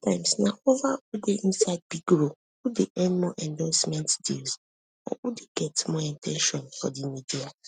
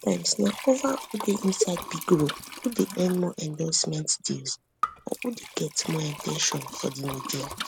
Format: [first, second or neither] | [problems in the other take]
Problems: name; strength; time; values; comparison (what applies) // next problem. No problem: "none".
first | background sound (Liquid); 11 dB below the speech